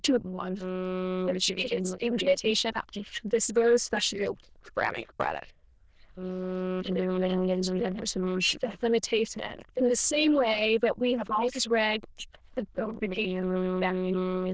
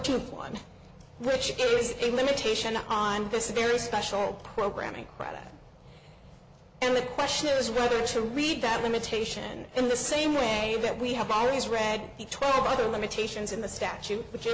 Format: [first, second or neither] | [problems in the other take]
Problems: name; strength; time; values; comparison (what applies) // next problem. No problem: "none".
second | noise reduction (neural diffusion model UNIVERSE++)